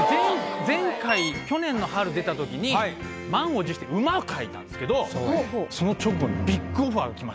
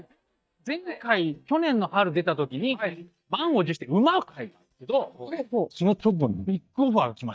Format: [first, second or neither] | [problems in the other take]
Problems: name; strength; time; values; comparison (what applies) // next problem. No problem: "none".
first | noise reduction (neural mask model DeepFilterNet 3)